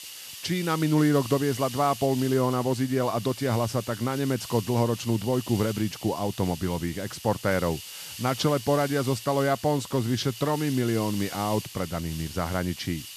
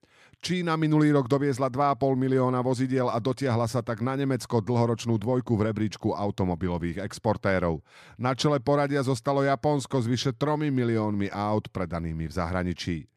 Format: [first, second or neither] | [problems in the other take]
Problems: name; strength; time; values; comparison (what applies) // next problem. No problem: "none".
second | hiss; noticeable; throughout; 10 dB below the speech